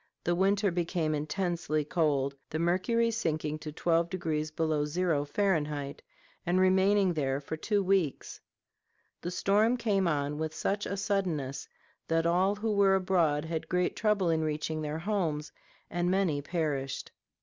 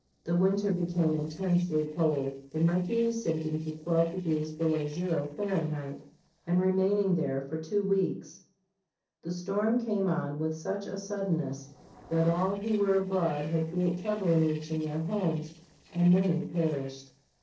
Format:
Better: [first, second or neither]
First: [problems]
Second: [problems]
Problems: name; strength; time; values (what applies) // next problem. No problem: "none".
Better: first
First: none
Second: noise reduction (neural separator model SepFormer DNS4)